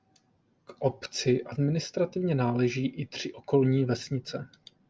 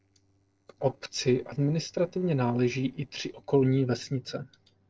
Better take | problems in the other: first | noise reduction (neural separator model SepFormer DNS4)

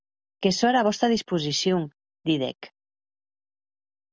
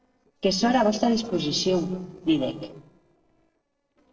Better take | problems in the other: first | noise reduction (neural separator model SepFormer DNS4)

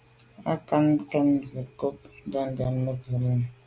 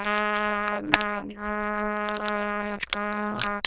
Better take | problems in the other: first | noise reduction (neural diffusion model UNIVERSE++)

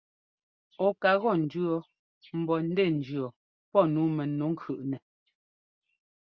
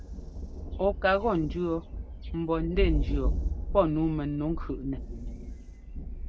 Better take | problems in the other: first | background sound (Thunder); 2 dB below the speech

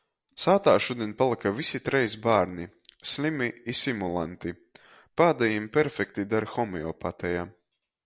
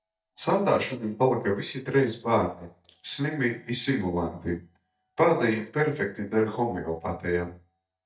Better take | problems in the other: first | noise reduction (neural mask model DeepFilterNet 3)

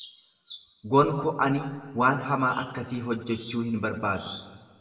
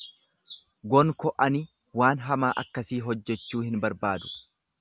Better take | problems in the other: second | room echo; dies away in 1.4 s

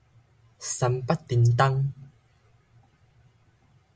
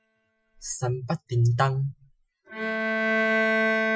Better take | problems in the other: first | noise reduction (classical method Wiener filter)

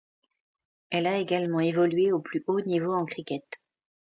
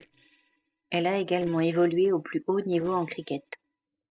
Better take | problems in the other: first | noise reduction (neural separator model SepFormer DNS4)

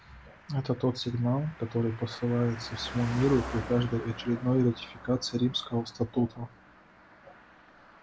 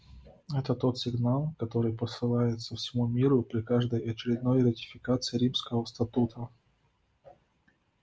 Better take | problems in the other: second | background sound (Car passing by); 14 dB below the speech

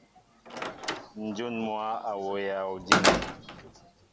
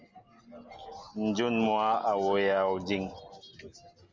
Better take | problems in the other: second | background sound (Slam); 4 dB above the speech

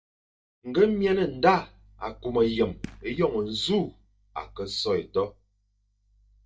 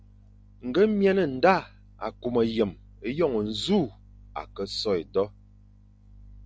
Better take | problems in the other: second | noise reduction (neural mask model DeepFilterNet 3)

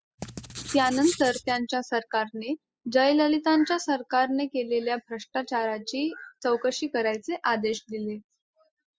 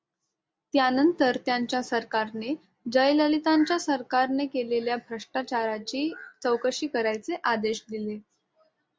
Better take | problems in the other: second | noise reduction (classical method spectral subtraction)

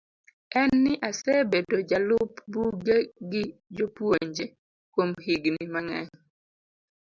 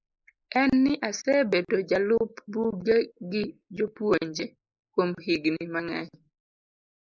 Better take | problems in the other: first | noise reduction (neural mask model Resemble Enhance denoiser)

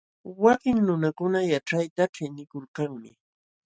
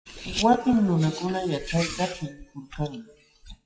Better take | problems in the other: first | noise reduction (classical method WPE with log-MMSE)

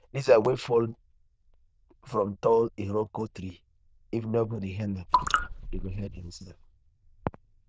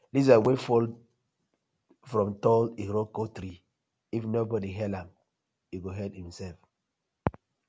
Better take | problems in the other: second | noise reduction (neural diffusion model UNIVERSE++)

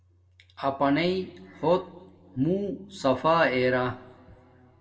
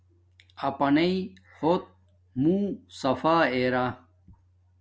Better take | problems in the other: second | room echo; dies away in 1.2 s

